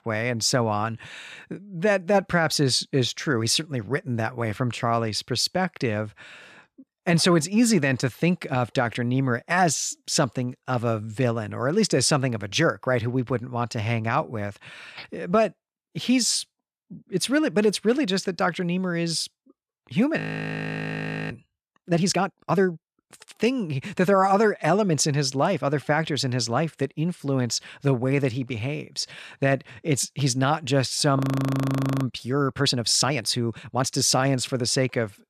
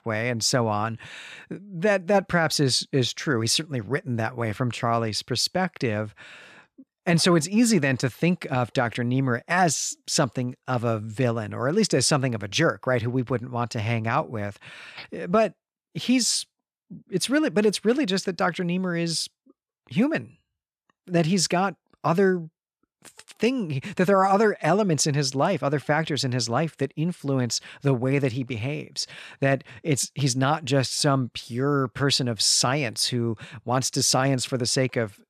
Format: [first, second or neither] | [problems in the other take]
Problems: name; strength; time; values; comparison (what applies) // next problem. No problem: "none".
second | audio freezing; at 20 s for 1 s and at 31 s for 1 s